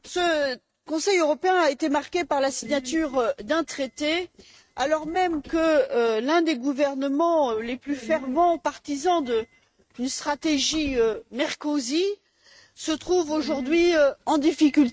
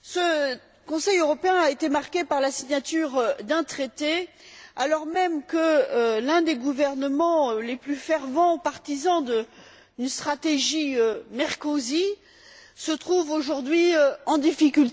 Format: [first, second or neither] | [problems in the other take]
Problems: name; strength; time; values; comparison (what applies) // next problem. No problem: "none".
second | noise reduction (neural mask model RNNoise)